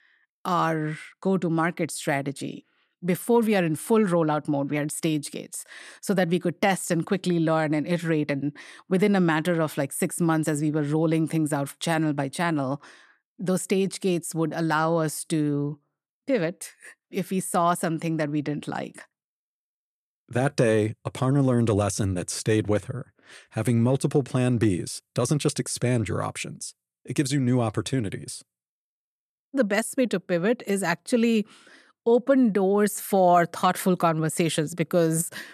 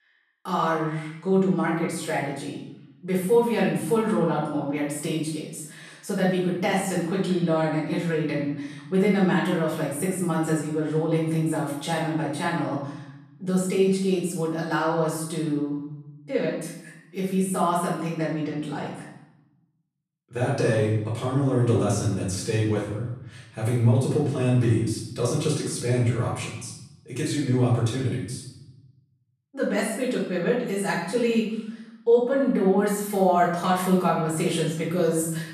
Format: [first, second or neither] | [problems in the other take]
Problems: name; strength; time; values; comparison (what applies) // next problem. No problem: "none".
first | off-mic speech; far // room echo; noticeable; dies away in 0.8 s